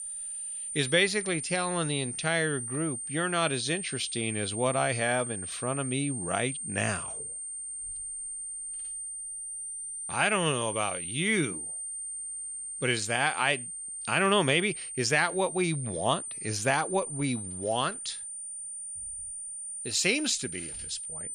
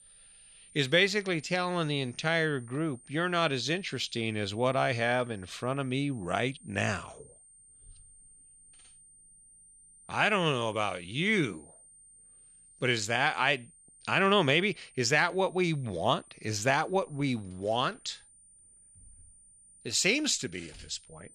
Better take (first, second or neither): second